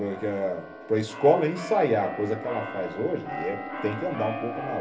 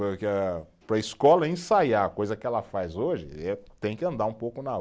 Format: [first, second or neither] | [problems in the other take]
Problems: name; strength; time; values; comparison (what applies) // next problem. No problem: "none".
second | background sound (Keyboard (musical)); 9 dB below the speech // room echo; dies away in 0.3 s